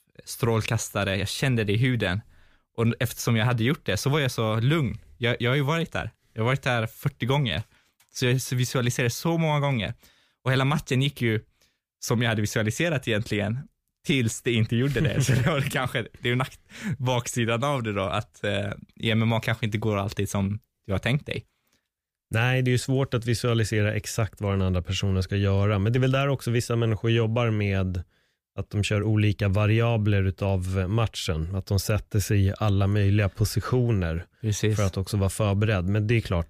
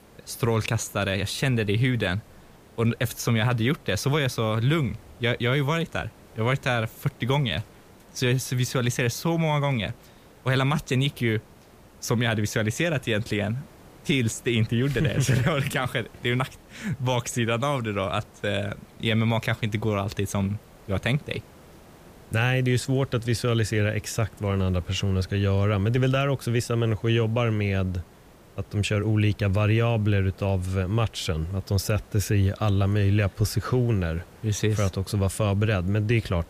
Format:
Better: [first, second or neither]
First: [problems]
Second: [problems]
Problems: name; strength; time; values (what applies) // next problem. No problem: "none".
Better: first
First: none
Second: hiss; faint; throughout; 25 dB below the speech